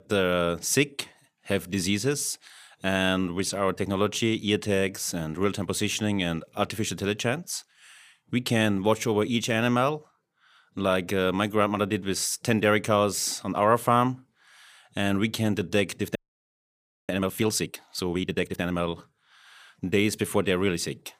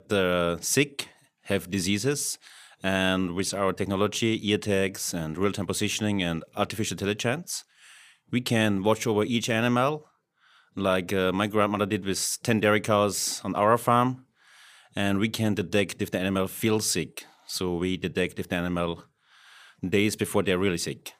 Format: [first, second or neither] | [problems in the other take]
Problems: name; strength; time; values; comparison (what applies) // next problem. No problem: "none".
second | audio freezing; at 16 s for 1 s